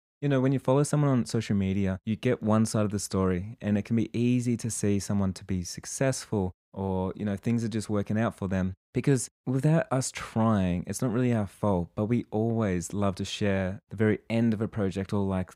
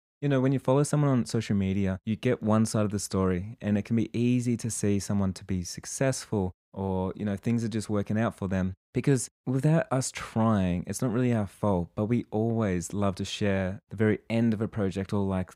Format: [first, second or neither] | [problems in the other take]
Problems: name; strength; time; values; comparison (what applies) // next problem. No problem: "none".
neither | none